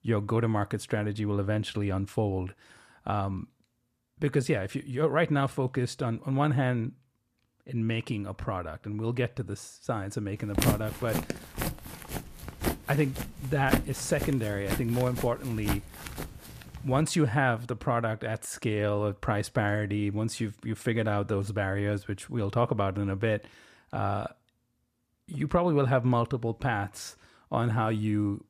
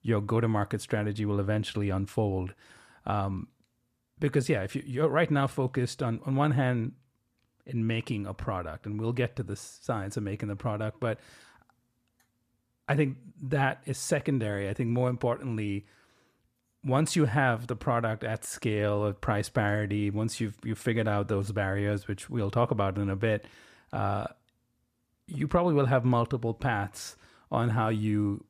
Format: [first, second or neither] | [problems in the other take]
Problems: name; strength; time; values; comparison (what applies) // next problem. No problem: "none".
second | footsteps; loud; from 11 to 17 s; peak 2 dB above the speech